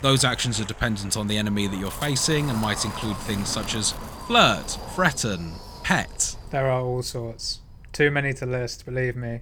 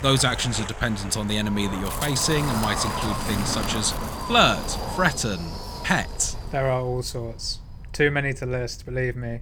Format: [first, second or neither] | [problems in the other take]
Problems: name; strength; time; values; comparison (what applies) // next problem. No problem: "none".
first | wind noise on the microphone; heavy; 6 dB below the speech; occasional gusts in the first